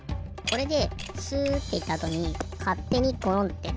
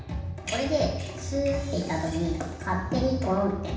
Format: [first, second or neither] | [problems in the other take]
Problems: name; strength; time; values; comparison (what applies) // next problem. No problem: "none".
first | room echo; dies away in 0.9 s